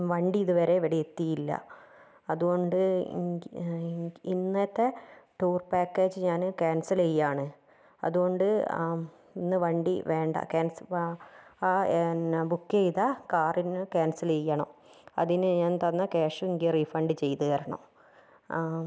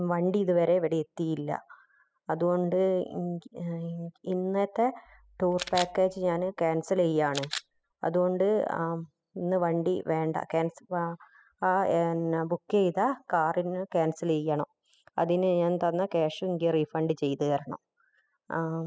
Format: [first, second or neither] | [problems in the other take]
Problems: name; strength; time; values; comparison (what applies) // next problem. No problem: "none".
first | noise reduction (classical method spectral subtraction)